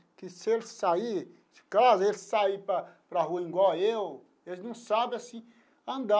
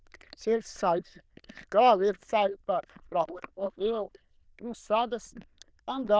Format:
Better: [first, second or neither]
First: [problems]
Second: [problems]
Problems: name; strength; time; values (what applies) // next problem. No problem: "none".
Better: first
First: none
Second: noise reduction (neural diffusion model UNIVERSE++)